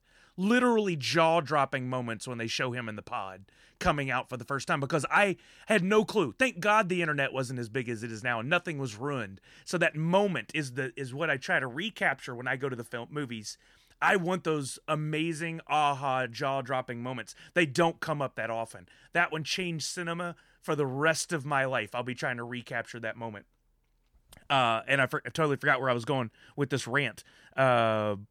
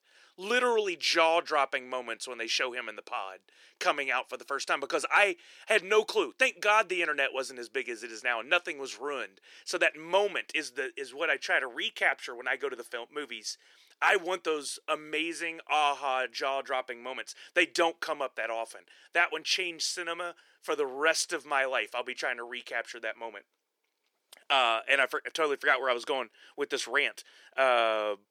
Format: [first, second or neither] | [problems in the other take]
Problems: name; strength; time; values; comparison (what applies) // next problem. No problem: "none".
first | thin; very; fading below 400 Hz